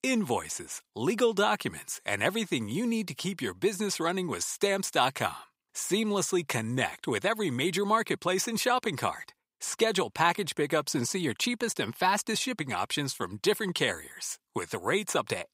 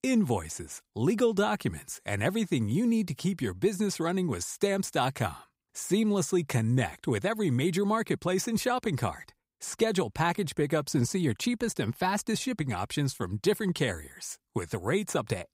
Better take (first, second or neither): second